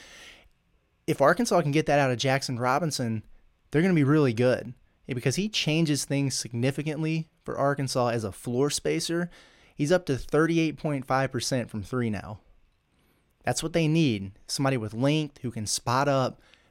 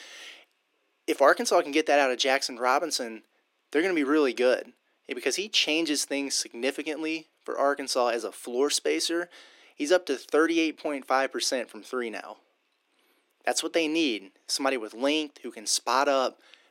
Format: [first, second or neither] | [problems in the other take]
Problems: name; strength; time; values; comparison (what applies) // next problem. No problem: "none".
first | thin; somewhat; fading below 300 Hz